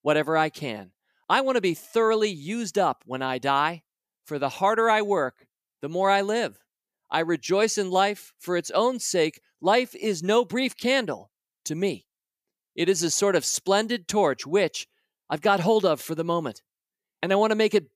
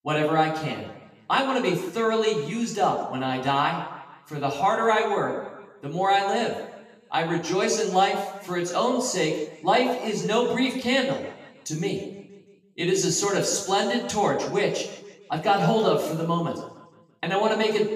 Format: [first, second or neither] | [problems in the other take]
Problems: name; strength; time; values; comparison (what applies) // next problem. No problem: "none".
first | room echo; slight; dies away in 1 s // off-mic speech; far